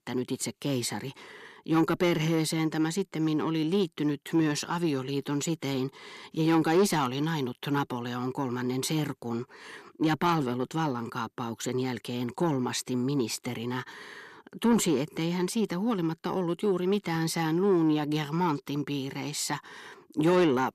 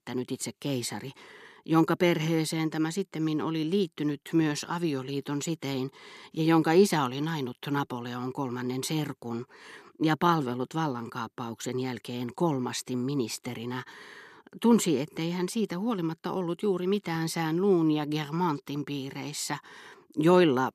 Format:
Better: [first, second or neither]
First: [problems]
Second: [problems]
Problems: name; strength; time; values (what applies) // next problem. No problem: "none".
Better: second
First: distortion; slight; 10 dB below the speech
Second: none